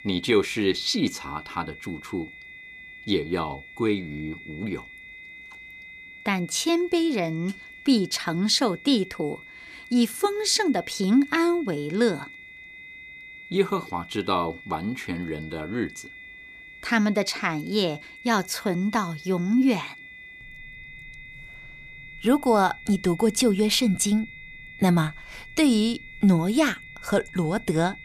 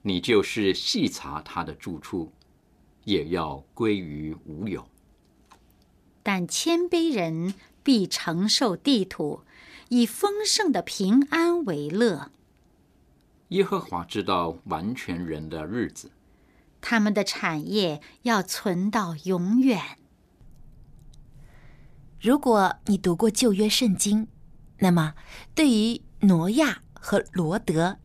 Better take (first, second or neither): second